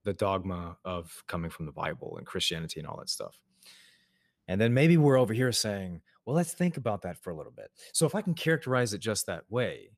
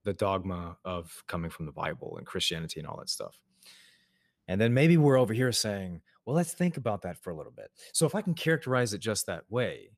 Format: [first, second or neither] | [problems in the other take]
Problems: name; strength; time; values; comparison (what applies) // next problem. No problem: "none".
neither | none